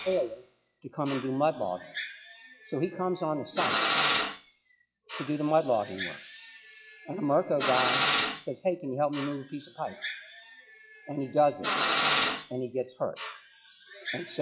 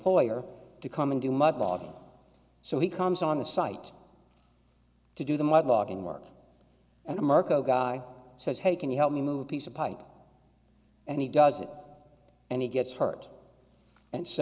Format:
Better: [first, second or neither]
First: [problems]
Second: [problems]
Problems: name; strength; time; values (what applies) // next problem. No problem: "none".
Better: second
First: noise reduction (classical method log-MMSE)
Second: none